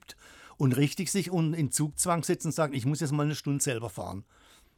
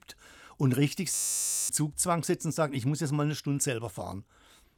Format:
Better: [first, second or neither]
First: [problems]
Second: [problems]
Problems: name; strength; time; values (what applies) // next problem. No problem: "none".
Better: first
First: none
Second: audio freezing; at 1 s for 0.5 s